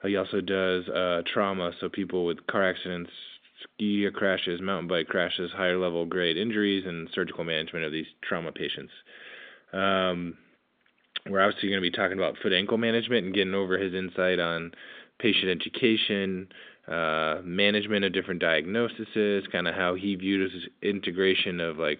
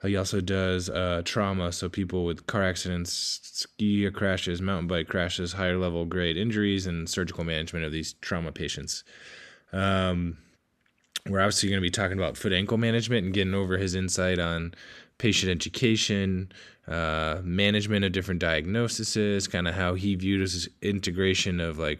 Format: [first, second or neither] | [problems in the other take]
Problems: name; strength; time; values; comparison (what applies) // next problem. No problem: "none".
second | phone-call audio; nothing above 3.5 kHz